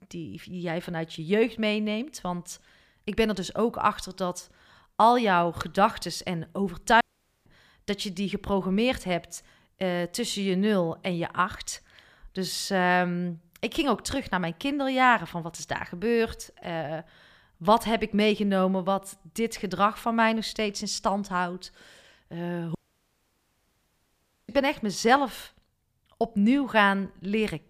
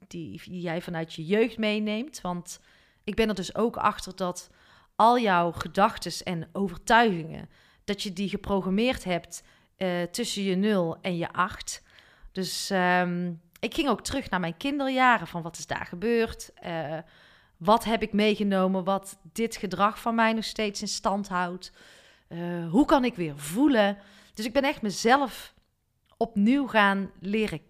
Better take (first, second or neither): second